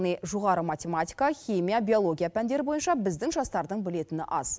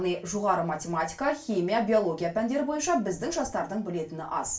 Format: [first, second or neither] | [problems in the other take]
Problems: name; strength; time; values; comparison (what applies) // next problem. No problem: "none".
first | room echo; dies away in 0.3 s